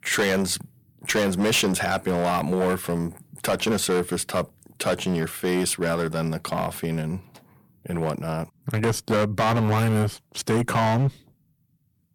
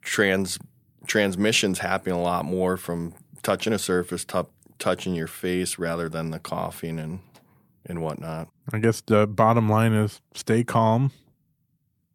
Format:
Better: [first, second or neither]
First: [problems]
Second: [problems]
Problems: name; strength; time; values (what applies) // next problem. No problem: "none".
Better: second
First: distortion; heavy; 11% of the sound clipped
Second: none